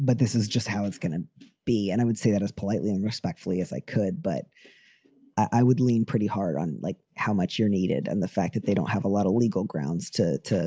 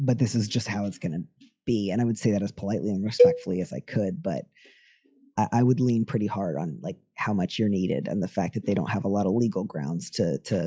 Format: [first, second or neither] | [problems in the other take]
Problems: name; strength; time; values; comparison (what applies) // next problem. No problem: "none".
first | noise reduction (classical method log-MMSE)